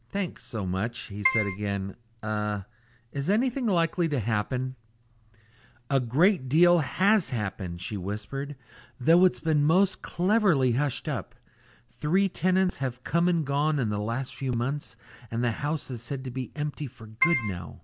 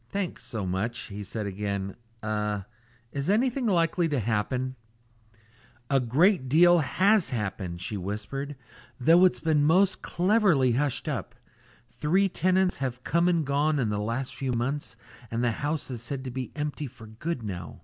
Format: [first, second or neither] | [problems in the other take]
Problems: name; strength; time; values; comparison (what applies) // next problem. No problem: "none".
second | background sound (Keyboard (musical)); as loud as the speech